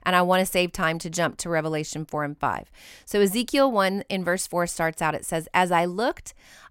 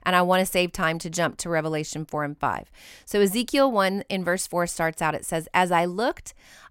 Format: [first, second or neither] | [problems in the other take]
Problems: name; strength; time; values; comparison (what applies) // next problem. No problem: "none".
neither | none